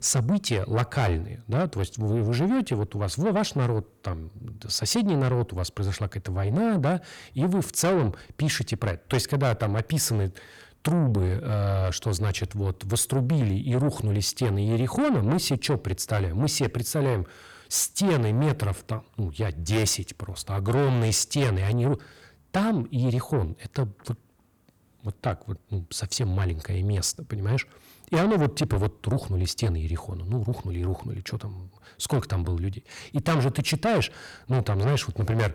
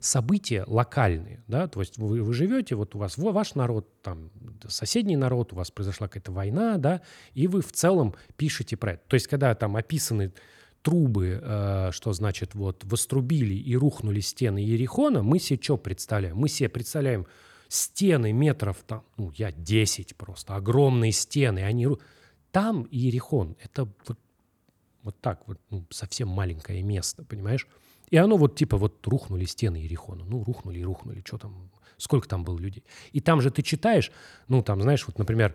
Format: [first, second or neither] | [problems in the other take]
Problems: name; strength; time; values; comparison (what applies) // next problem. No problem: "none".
second | distortion; heavy; 8 dB below the speech